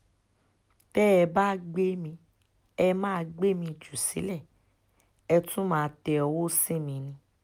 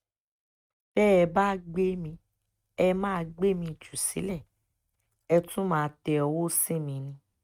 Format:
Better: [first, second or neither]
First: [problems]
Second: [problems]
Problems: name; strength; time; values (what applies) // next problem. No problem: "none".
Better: first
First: none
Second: noise reduction (neural mask model RNNoise)